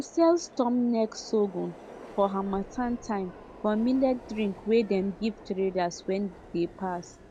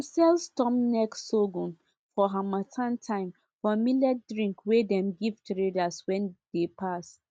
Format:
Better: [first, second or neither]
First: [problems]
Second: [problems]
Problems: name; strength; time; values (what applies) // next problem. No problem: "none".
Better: second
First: background sound (Subway, metro, underground); 18 dB below the speech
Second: none